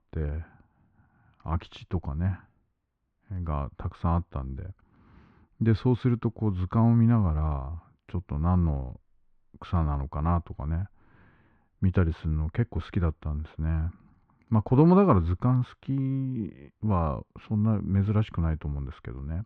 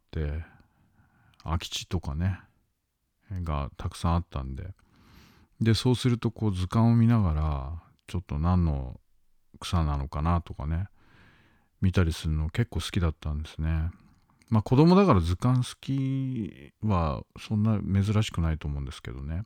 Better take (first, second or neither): second